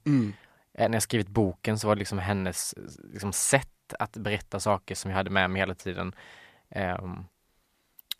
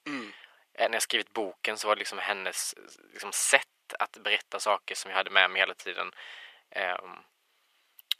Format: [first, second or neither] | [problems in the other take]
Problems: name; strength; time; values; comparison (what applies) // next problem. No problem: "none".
first | thin; very; fading below 450 Hz